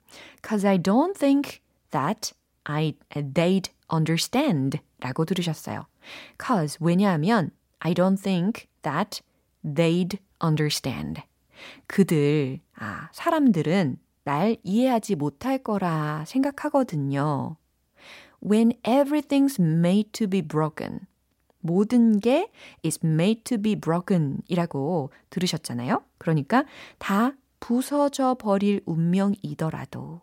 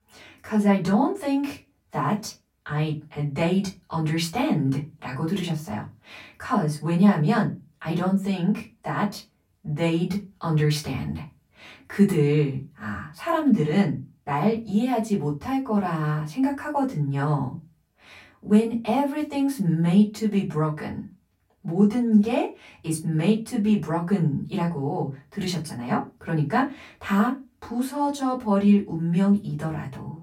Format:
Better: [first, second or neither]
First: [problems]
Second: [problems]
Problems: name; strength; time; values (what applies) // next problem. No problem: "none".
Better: first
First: none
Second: off-mic speech; far // room echo; very slight; dies away in 0.2 s